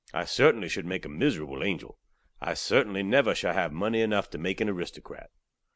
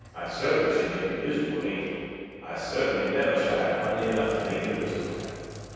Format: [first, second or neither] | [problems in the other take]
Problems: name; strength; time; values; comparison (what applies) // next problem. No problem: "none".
first | background sound (Sink (filling or washing)); 17 dB below the speech // room echo; dies away in 2.2 s